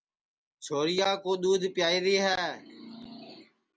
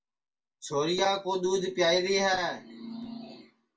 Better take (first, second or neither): first